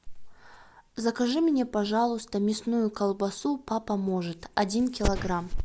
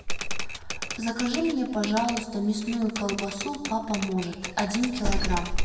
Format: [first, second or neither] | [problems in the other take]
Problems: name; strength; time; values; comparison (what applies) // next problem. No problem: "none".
first | background sound (Typewriter); 10 dB below the speech // room echo; dies away in 1.1 s